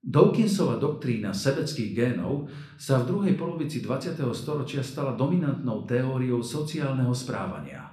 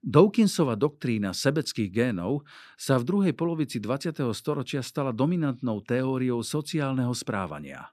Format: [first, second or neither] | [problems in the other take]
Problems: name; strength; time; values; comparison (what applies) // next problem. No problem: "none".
second | room echo; slight; dies away in 0.5 s // off-mic speech; somewhat distant